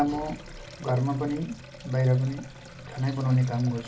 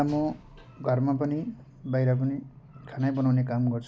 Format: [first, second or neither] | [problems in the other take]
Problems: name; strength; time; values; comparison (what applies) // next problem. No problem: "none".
second | background sound (Sink (filling or washing)); 19 dB below the speech // room echo; dies away in 0.2 s